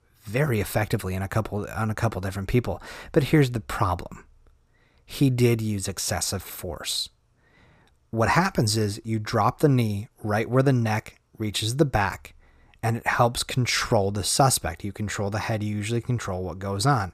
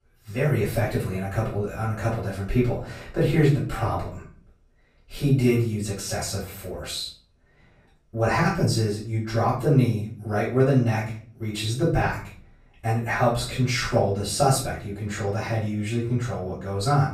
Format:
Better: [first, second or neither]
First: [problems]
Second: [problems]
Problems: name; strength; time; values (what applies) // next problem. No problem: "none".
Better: first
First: none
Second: room echo; noticeable; dies away in 0.4 s // off-mic speech; far